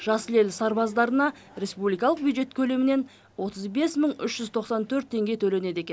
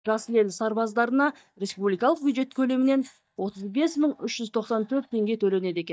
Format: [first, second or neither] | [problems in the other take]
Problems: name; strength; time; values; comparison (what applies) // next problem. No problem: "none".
first | noise reduction (neural mask model DeepFilterNet 3)